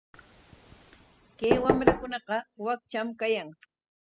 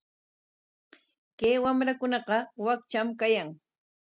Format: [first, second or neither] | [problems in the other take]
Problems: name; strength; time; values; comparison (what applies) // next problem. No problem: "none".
second | noise reduction (classical method spectral subtraction)